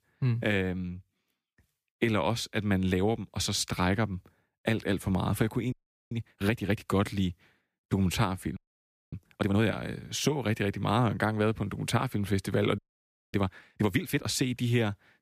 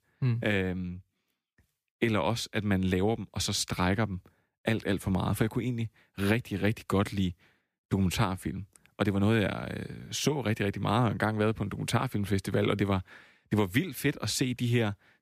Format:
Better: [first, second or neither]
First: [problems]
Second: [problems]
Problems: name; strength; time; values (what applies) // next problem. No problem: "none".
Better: second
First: audio freezing; at 5.5 s, at 8.5 s for 0.5 s and at 13 s for 0.5 s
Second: none